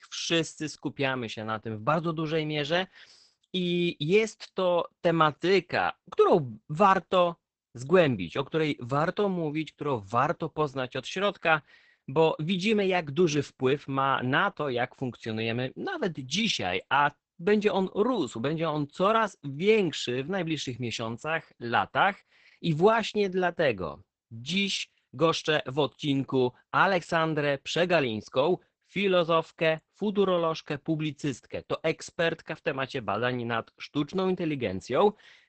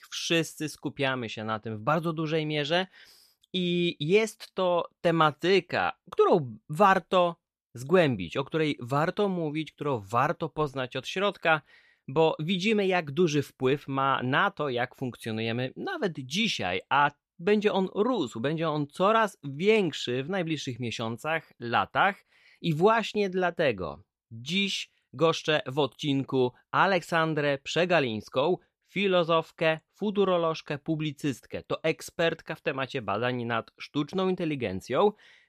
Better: second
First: garbled, watery; badly; nothing above 8 kHz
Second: none

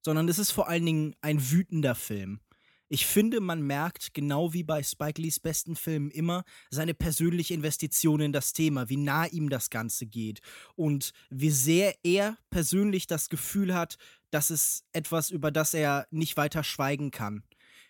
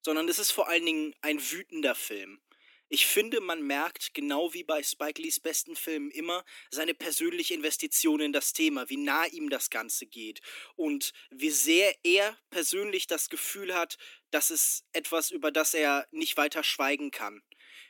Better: first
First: none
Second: thin; somewhat; fading below 300 Hz

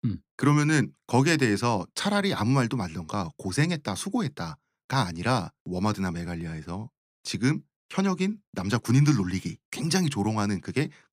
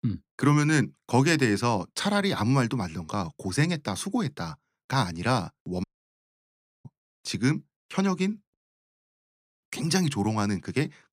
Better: first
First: none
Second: audio cutting out; at 6 s for 1 s and at 8.5 s for 1 s

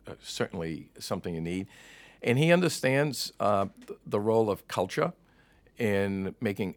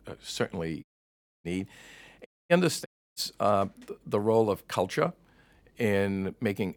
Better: first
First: none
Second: audio cutting out; at 1 s for 0.5 s, at 2.5 s and at 3 s

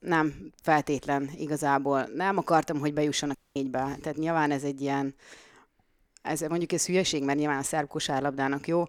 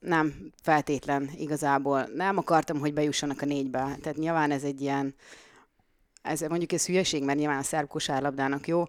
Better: second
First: audio cutting out; at 3.5 s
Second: none

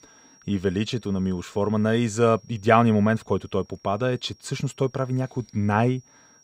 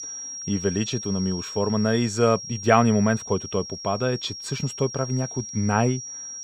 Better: first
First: high-pitched whine; faint; throughout; 5.5 kHz, 30 dB below the speech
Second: high-pitched whine; loud; throughout; 5.5 kHz, 9 dB below the speech

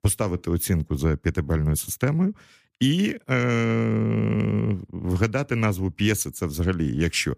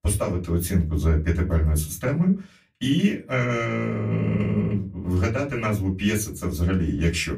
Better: first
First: none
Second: off-mic speech; far // room echo; very slight; dies away in 0.2 s

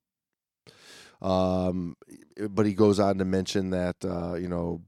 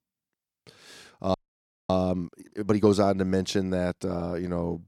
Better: first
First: none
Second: audio freezing; at 1.5 s for 0.5 s

